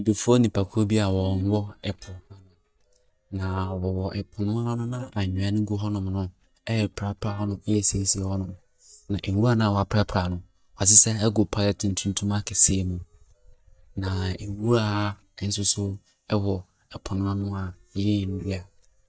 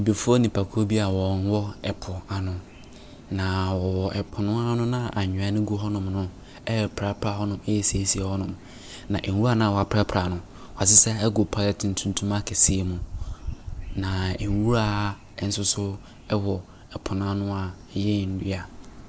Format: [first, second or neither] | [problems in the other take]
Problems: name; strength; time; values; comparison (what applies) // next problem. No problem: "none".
second | noise reduction (neural mask model DeepFilterNet 3)